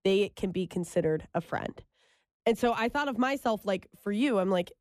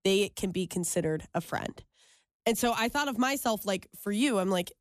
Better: second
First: muffled; slightly; fading above 4 kHz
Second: none

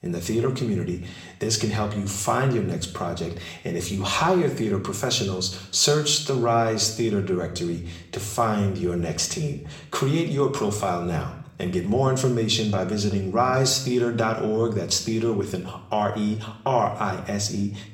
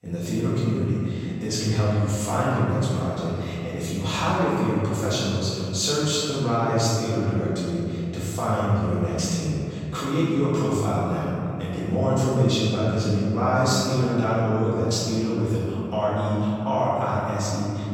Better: first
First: room echo; slight; dies away in 0.6 s // off-mic speech; somewhat distant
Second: room echo; strong; dies away in 2.6 s // off-mic speech; far

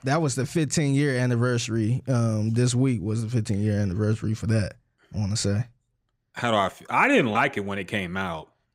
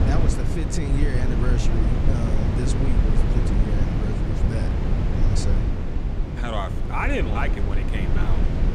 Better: first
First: none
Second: low rumble; loud; throughout; 1 dB below the speech

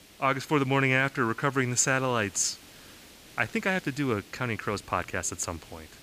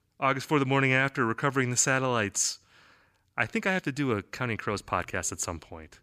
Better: second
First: hiss; faint; throughout; 20 dB below the speech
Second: none

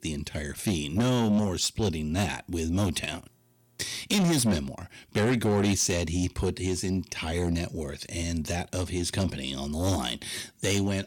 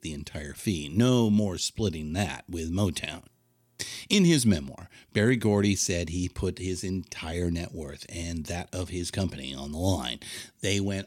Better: second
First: distortion; heavy; 8 dB below the speech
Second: none

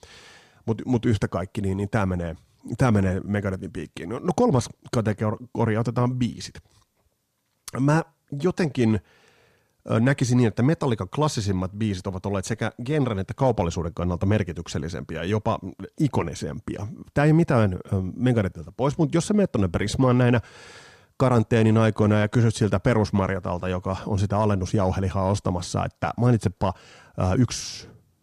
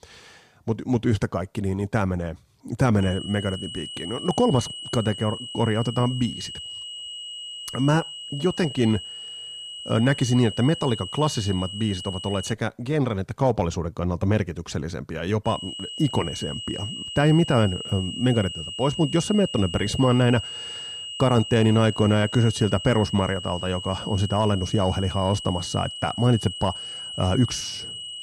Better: first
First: none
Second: high-pitched whine; loud; from 3 to 13 s and from 15 s on; 3 kHz, 9 dB below the speech

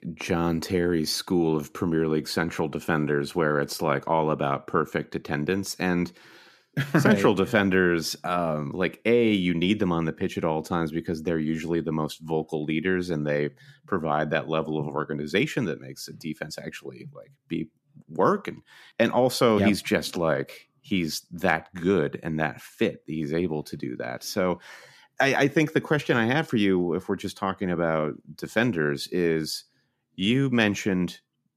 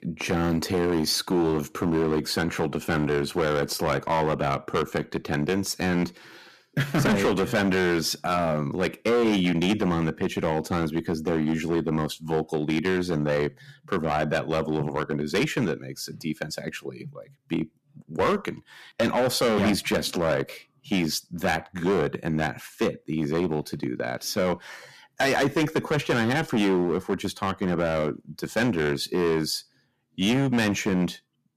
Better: first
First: none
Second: distortion; heavy; 9% of the sound clipped

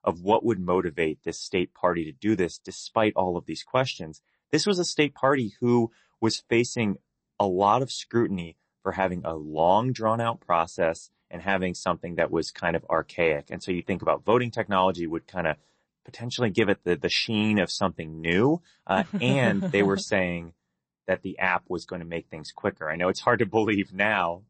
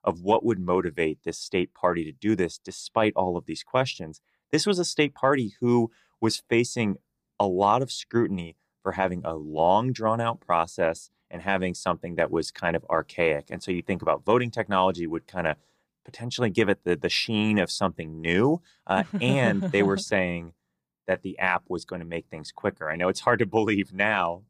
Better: second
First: garbled, watery; slightly; nothing above 8 kHz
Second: none

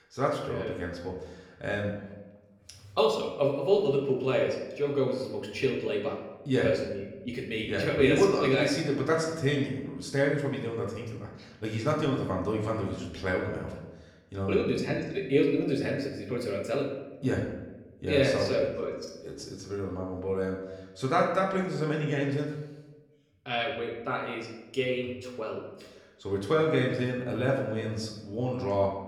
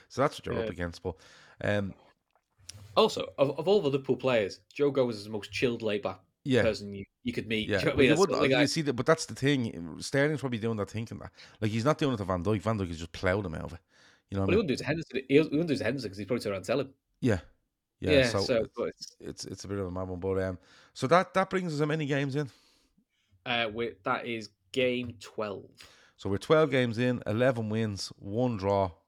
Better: second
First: room echo; noticeable; dies away in 0.8 s // off-mic speech; somewhat distant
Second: none

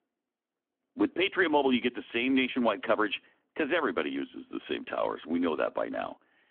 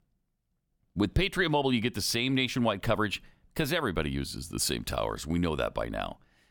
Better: second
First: phone-call audio; nothing above 3.5 kHz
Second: none

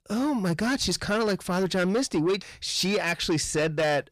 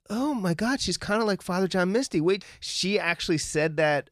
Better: second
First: distortion; slight; 10 dB below the speech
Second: none

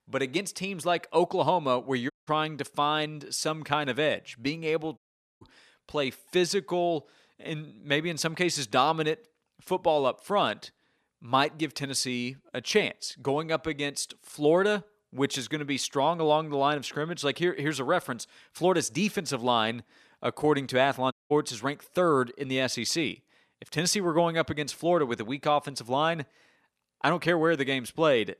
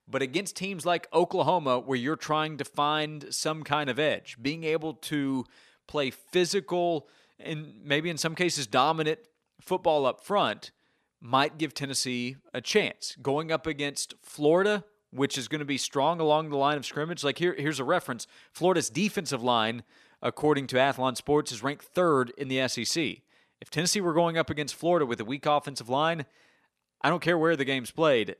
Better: second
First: audio cutting out; at 2 s, at 5 s and at 21 s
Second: none

